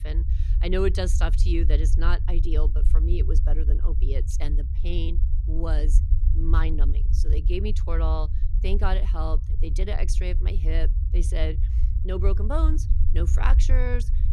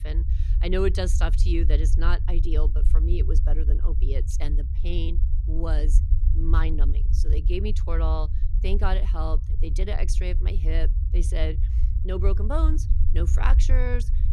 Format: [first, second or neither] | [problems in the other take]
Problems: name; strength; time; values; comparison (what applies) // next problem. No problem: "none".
neither | low rumble; noticeable; throughout; 10 dB below the speech; the same in both